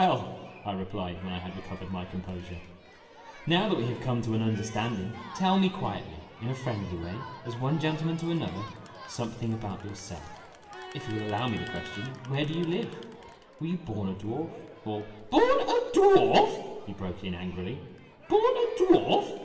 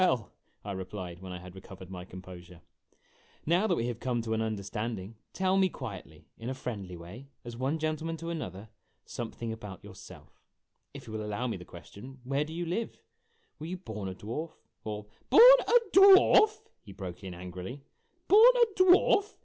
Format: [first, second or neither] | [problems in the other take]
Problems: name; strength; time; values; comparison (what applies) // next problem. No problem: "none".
second | background sound (Crowd); 18 dB below the speech // room echo; dies away in 1.1 s